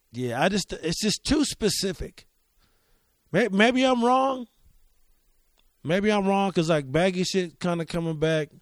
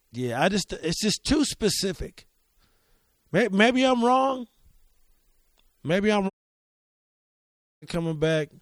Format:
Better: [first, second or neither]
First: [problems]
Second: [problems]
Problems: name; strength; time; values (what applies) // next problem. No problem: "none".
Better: first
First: none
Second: audio cutting out; at 6.5 s for 1.5 s